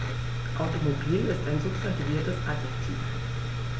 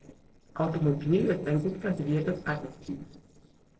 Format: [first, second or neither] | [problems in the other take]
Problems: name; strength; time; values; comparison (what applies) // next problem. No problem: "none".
first | noise reduction (neural separator model SepFormer DNS4)